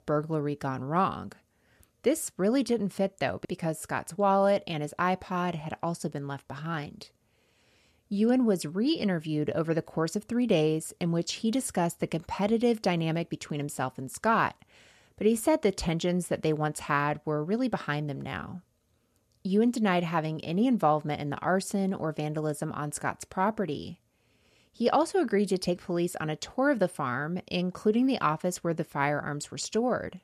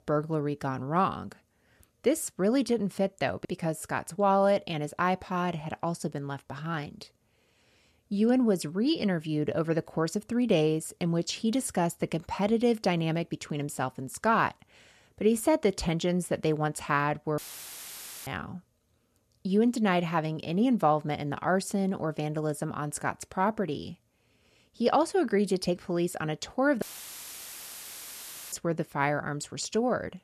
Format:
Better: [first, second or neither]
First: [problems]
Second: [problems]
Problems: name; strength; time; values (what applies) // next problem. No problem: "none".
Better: first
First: none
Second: audio cutting out; filled with static; at 17 s for 1 s and at 27 s for 1.5 s